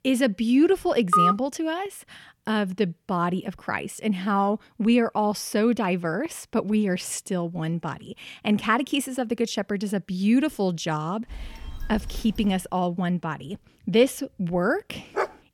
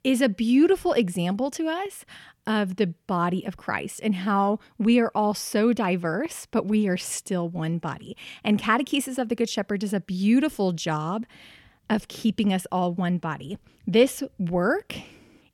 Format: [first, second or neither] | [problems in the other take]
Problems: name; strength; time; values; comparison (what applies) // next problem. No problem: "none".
second | phone ringing; loud; at 1 s; peak 5 dB above the speech // phone ringing; faint; from 11 to 13 s; peak 15 dB below the speech // dog barking; noticeable; at 15 s; peak 4 dB below the speech